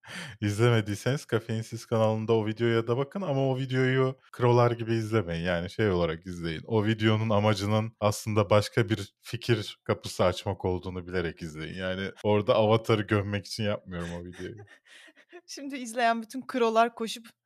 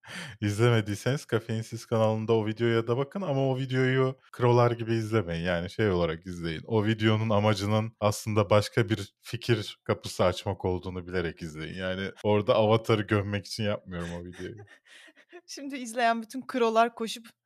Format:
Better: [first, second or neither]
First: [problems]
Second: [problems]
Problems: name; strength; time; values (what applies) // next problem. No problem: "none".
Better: neither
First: none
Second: none